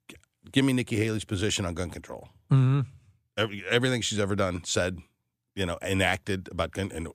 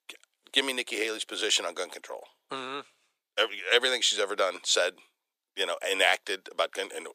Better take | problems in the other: first | thin; very; fading below 450 Hz

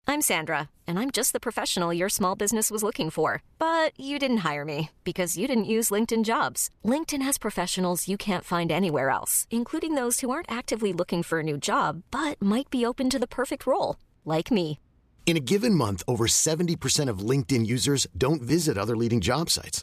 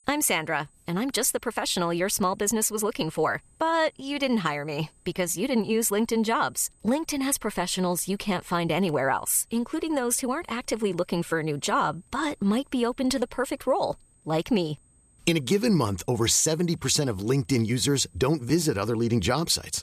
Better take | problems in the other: first | high-pitched whine; faint; throughout; 8.5 kHz, 35 dB below the speech

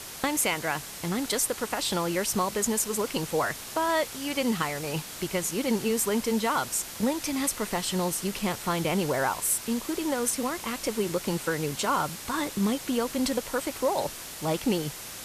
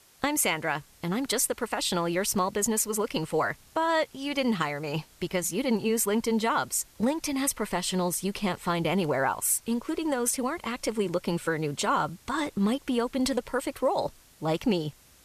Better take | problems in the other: second | hiss; loud; throughout; 9 dB below the speech; faint in the second

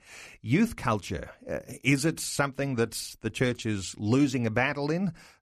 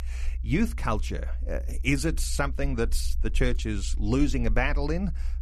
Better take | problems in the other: first | low rumble; faint; throughout; 25 dB below the speech

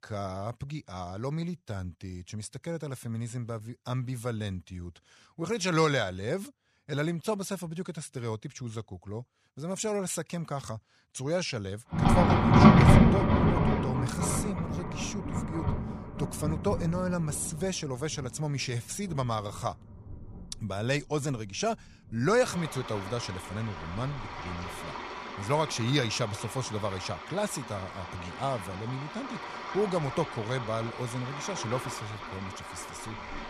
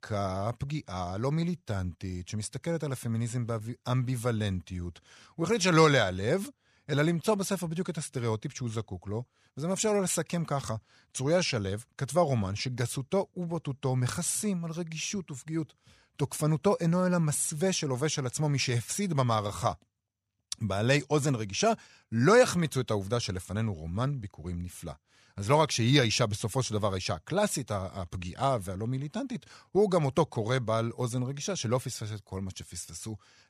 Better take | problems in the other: second | rain or running water; very loud; from 12 s on; 4 dB above the speech

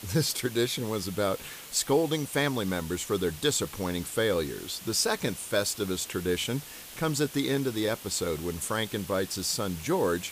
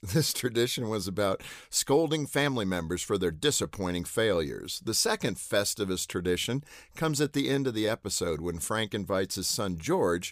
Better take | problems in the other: second | hiss; noticeable; throughout; 15 dB below the speech

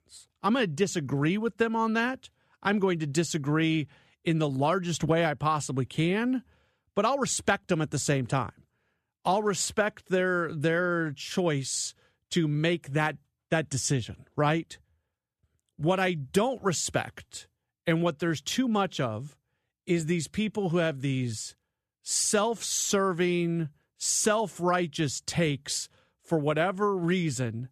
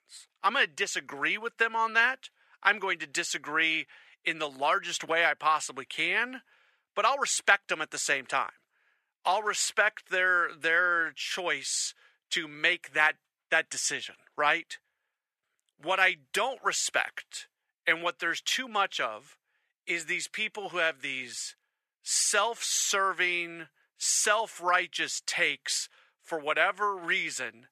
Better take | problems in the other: first | thin; very; fading below 650 Hz

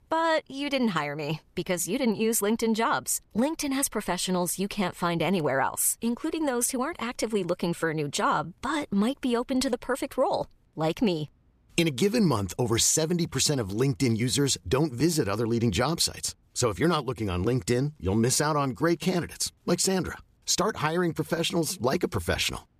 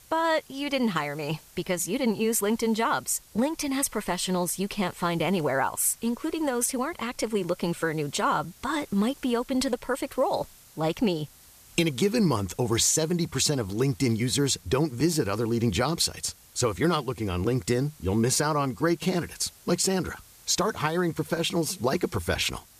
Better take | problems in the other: first | hiss; faint; throughout; 25 dB below the speech

